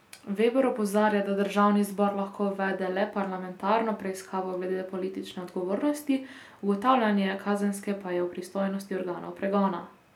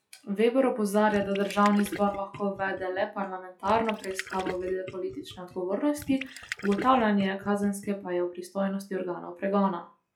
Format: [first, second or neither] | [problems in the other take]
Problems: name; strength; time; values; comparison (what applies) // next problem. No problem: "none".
first | noise reduction (classical method log-MMSE)